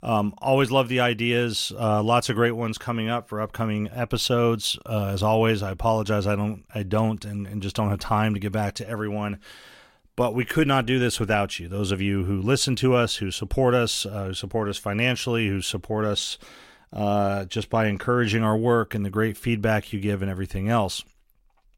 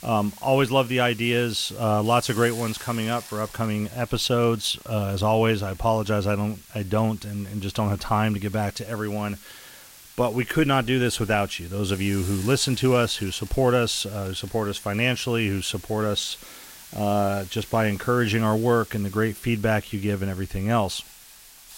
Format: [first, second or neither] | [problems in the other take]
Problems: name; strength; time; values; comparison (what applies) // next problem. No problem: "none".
first | hiss; noticeable; throughout; 20 dB below the speech